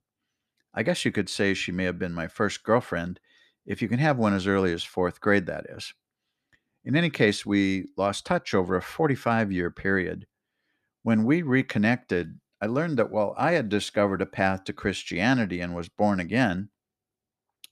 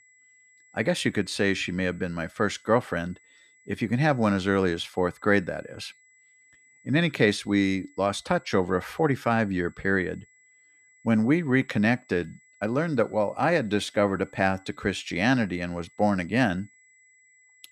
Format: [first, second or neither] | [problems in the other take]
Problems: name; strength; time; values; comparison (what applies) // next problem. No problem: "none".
first | high-pitched whine; faint; throughout; 2 kHz, 30 dB below the speech